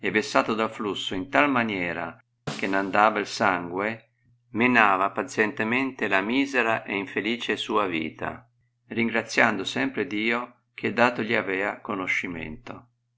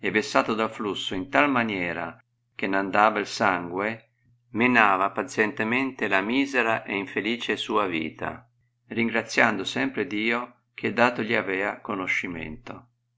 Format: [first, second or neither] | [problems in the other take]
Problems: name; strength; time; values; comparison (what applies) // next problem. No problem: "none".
second | background sound (Snare drum); 17 dB below the speech